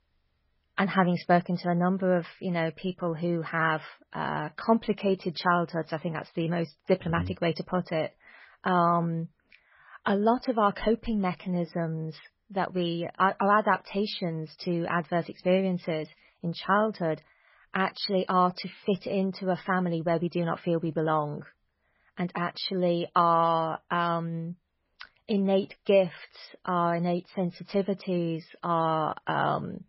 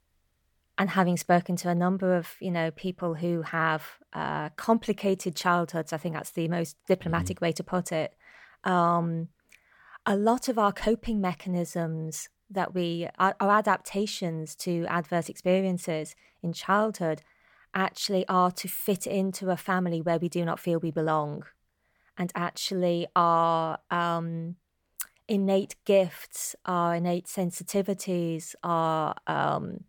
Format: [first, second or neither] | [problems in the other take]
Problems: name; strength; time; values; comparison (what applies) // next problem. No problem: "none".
second | garbled, watery; badly; nothing above 5.5 kHz